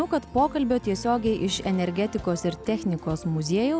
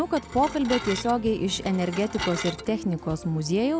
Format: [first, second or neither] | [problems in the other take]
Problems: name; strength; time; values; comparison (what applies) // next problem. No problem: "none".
first | background sound (Dishes, pots, and pans / Glass); 10 dB below the speech